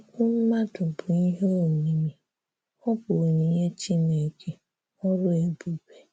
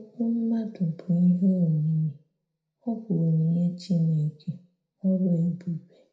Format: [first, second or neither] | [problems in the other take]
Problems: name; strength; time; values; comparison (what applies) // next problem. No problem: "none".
first | room echo; dies away in 0.4 s